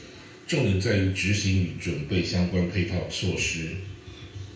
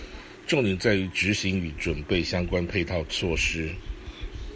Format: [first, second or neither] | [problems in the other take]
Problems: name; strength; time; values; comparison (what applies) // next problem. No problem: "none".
second | room echo; dies away in 0.5 s